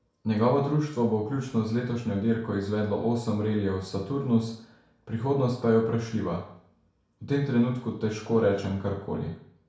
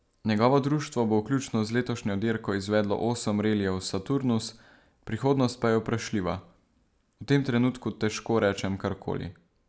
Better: second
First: room echo; dies away in 0.6 s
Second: none

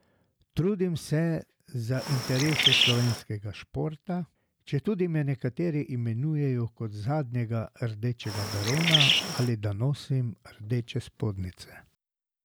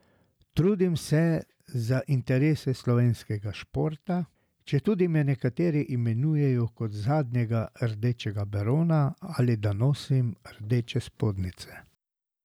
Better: second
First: background sound (Bird); 3 dB above the speech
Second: none

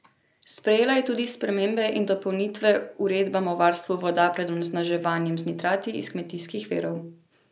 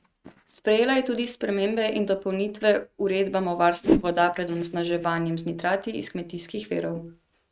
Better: first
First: none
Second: noise reduction (neural mask model RNNoise)

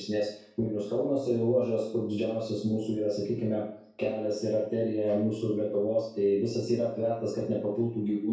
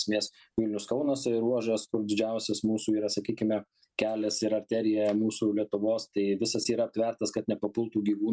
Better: second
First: room echo; dies away in 0.6 s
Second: none

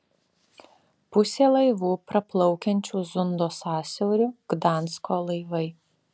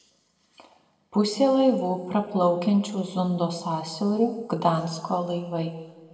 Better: first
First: none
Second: room echo; dies away in 1.4 s

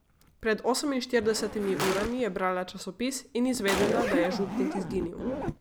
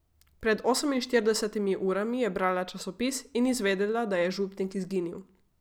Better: second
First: background sound (Gunshot, gunfire + Zipper (clothing)); 4 dB below the speech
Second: none

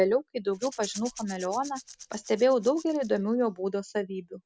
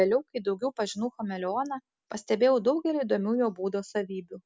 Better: second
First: background sound (Rattle / Rattle (instrument)); 18 dB below the speech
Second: none

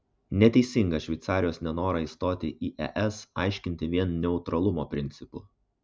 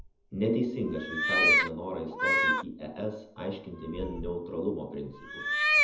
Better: first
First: none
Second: background sound (Meow); 4 dB above the speech // room echo; dies away in 0.7 s

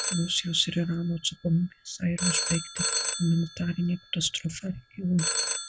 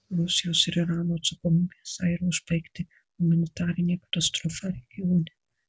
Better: second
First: background sound (Telephone); 4 dB below the speech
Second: none

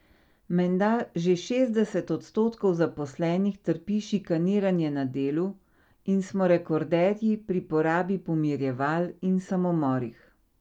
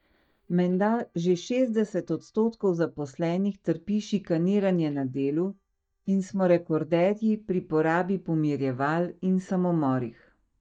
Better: first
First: none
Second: noise reduction (neural mask model DeepFilterNet 3)

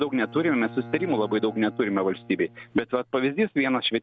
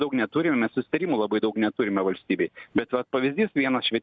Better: second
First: background sound (Bowed string instrument); 19 dB below the speech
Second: none

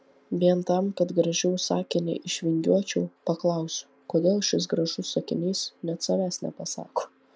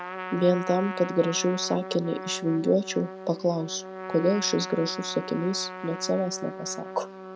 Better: first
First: none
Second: background sound (Trumpet); 10 dB below the speech

